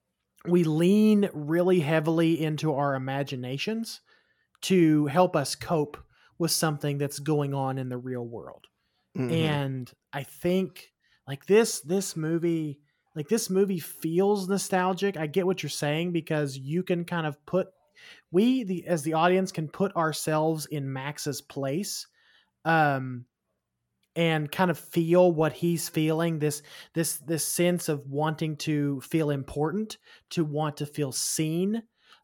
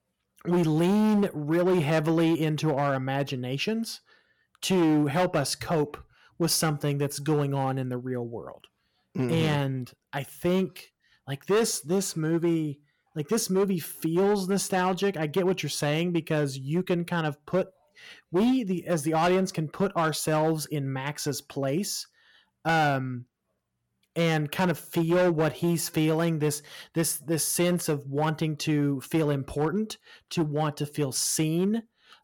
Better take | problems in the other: first | distortion; slight; 7% of the sound clipped

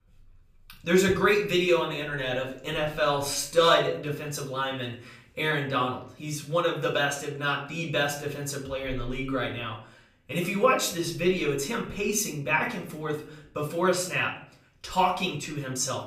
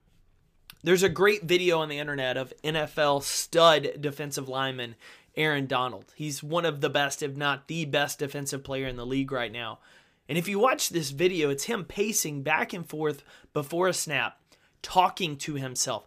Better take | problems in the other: second | off-mic speech; far // room echo; slight; dies away in 0.4 s

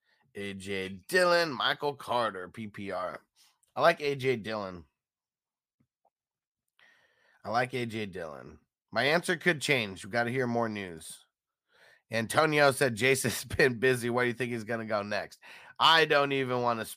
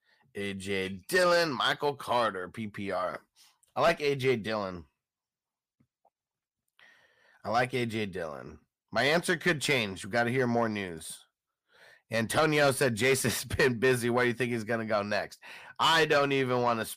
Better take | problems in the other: first | distortion; slight; 10 dB below the speech

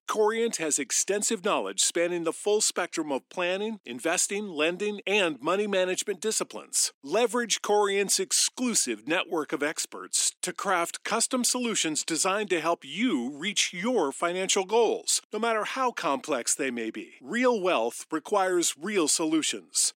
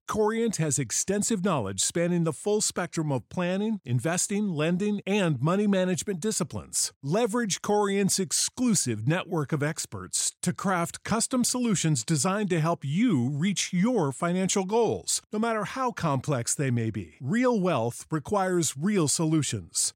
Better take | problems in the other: second | thin; somewhat; fading below 250 Hz

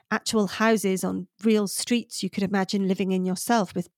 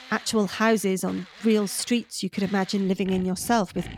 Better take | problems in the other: first | machinery noise; noticeable; throughout; 20 dB below the speech

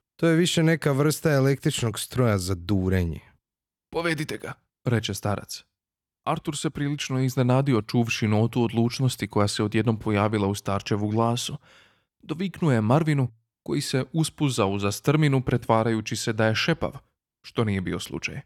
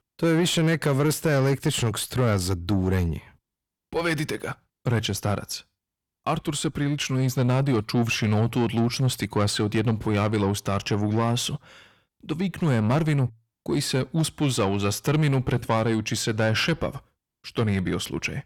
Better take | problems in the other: first | distortion; slight; 10 dB below the speech

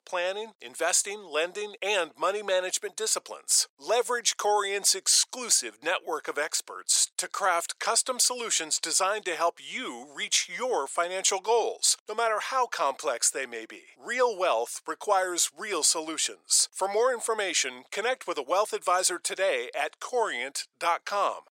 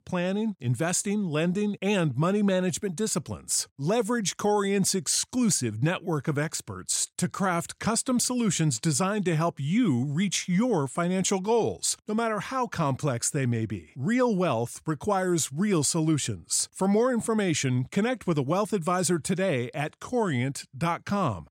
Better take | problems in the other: second | thin; very; fading below 500 Hz

